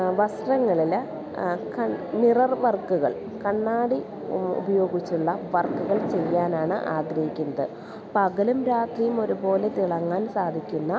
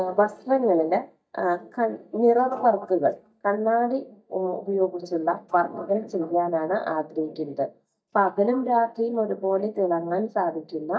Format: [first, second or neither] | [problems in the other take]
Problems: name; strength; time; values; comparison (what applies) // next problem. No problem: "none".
first | noise reduction (neural mask model DeepFilterNet 3)